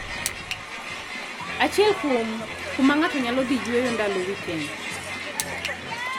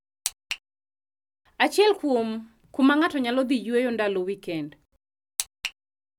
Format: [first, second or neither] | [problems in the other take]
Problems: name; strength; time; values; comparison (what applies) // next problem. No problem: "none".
second | background sound (Crowd); 6 dB below the speech